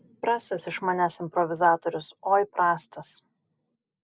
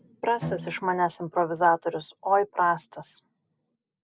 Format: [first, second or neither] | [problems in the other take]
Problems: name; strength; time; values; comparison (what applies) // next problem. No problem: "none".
first | background sound (Bowed string instrument); 11 dB below the speech